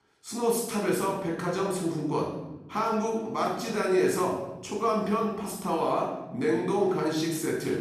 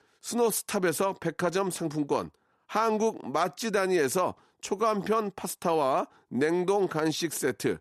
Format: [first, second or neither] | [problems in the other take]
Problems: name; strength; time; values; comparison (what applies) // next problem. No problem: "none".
second | off-mic speech; far // room echo; noticeable; dies away in 1.3 s